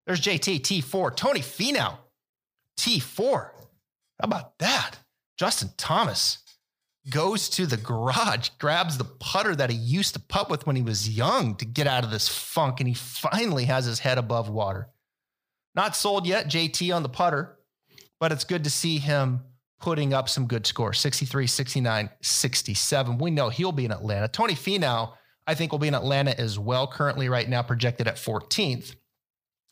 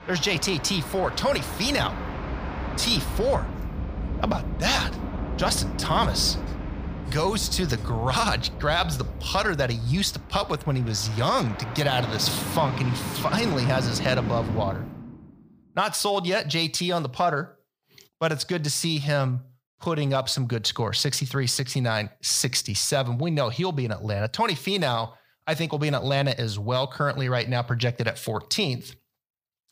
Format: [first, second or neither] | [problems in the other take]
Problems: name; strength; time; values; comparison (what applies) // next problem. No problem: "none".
first | train or aircraft noise; loud; until 15 s; 8 dB below the speech